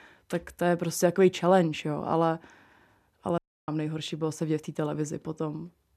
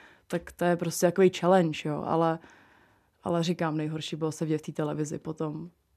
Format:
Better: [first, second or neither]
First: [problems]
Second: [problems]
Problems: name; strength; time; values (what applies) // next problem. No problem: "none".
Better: second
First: audio cutting out; at 3.5 s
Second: none